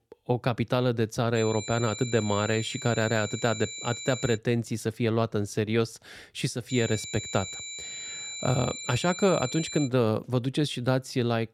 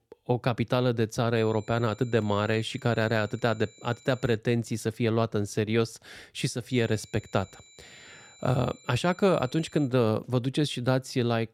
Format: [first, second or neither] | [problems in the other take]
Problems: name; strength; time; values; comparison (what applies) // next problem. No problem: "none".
second | high-pitched whine; loud; from 1.5 to 4.5 s and from 6.5 to 10 s; 7 kHz, 8 dB below the speech; faint in the second